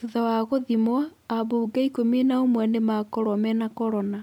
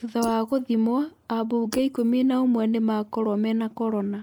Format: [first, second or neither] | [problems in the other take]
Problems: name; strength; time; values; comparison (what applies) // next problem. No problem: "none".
first | noise reduction (neural mask model Resemble Enhance denoiser)